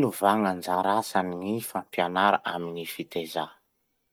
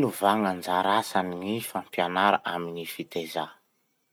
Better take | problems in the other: second | noise reduction (neural mask model DeepFilterNet 3)

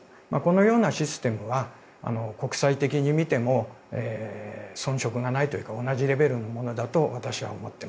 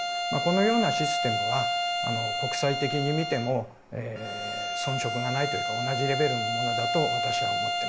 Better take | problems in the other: first | background sound (Bowed string instrument); 1 dB above the speech

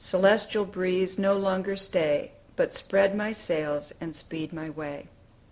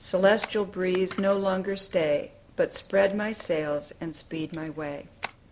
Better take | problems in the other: first | background sound (Camera); 19 dB below the speech

